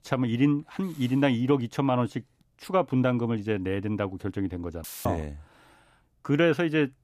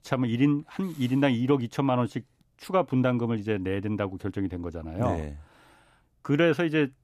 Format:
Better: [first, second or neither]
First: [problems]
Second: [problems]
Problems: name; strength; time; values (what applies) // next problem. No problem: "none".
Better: second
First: audio cutting out; filled with static; at 5 s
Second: none